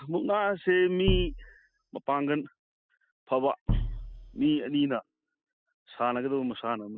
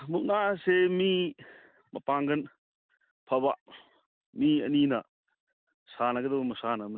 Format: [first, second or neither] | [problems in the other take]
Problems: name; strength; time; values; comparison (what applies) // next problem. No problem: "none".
second | noise reduction (classical method spectral subtraction)